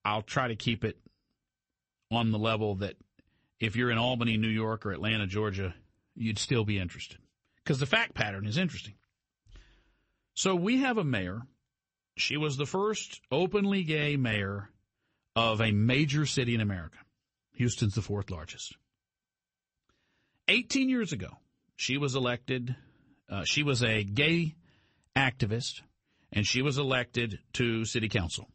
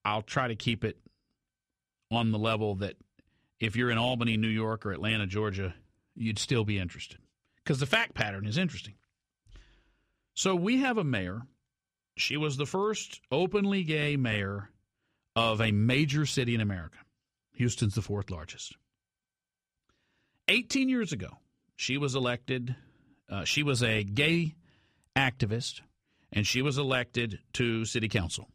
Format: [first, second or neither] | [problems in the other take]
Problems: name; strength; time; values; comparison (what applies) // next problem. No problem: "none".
second | garbled, watery; slightly; nothing above 8 kHz